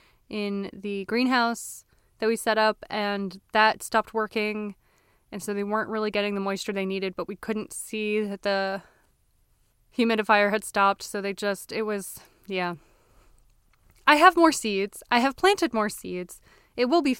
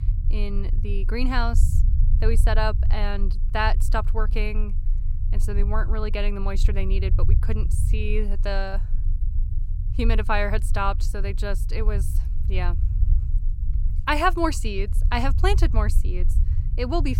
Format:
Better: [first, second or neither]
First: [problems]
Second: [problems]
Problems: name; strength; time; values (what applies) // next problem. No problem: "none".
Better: first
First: none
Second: low rumble; noticeable; throughout; 15 dB below the speech